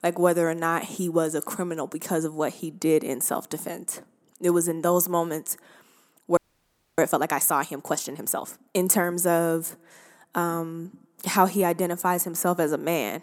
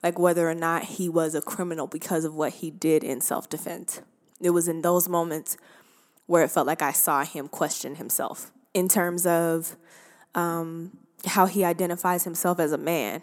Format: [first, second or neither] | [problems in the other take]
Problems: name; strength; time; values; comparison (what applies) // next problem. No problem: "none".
second | audio freezing; at 6.5 s for 0.5 s